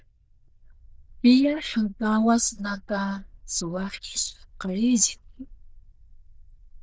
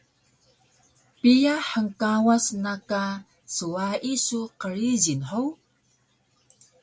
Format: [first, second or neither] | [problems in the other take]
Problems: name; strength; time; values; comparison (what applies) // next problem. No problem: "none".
second | noise reduction (neural diffusion model UNIVERSE++)